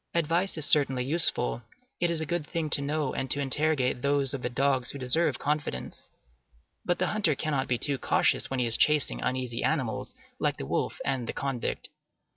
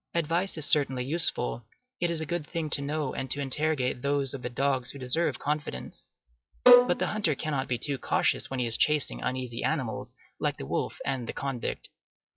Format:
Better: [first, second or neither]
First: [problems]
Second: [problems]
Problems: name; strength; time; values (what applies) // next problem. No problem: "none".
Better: first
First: none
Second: noise reduction (classical method log-MMSE)